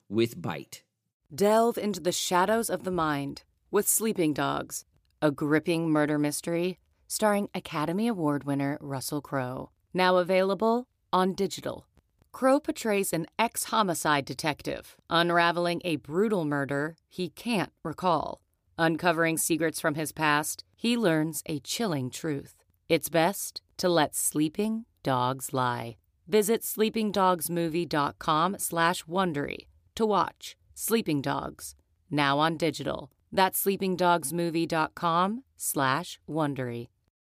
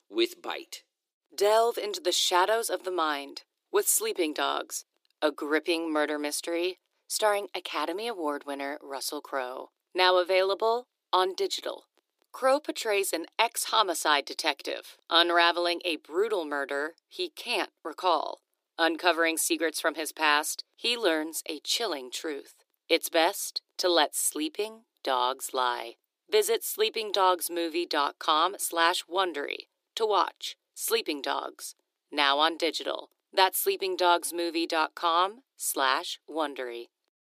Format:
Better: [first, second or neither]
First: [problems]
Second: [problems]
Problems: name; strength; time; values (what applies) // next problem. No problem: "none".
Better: first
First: none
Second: thin; very; fading below 350 Hz